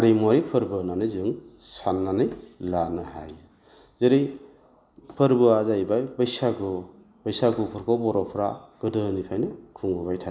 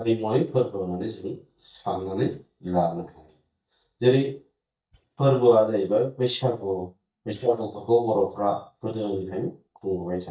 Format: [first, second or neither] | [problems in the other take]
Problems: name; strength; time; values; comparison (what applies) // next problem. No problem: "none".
first | noise reduction (neural mask model DeepFilterNet 3)